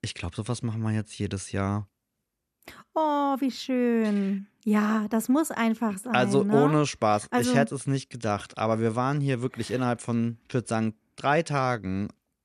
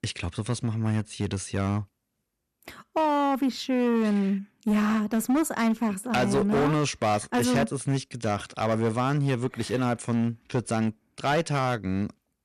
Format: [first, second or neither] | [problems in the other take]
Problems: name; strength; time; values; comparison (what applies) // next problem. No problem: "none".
first | distortion; slight; 9% of the sound clipped